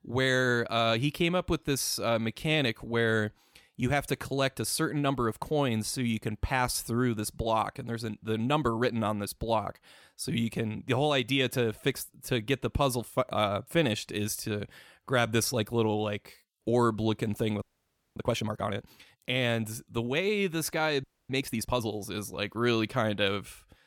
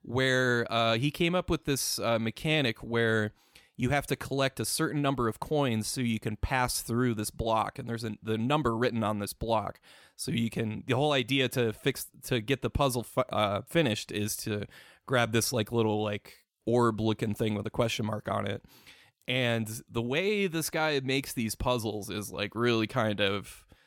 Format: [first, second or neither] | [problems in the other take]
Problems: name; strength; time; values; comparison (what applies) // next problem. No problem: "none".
second | audio freezing; at 18 s for 0.5 s and at 21 s